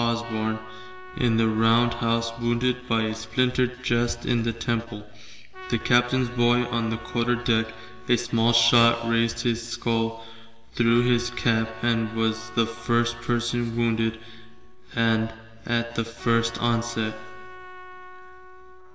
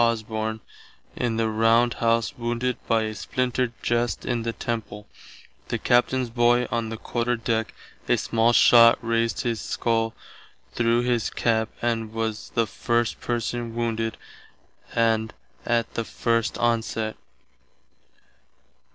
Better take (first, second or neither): second